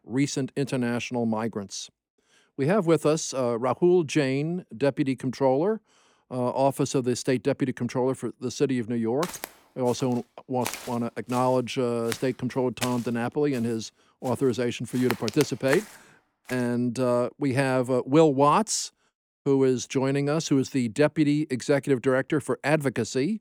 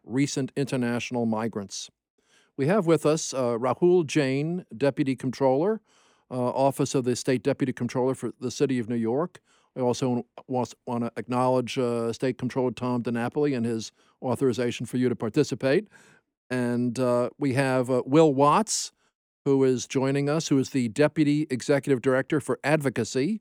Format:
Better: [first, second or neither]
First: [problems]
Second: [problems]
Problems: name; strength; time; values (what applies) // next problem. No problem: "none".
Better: second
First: footsteps; noticeable; from 9 to 17 s; peak 6 dB below the speech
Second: none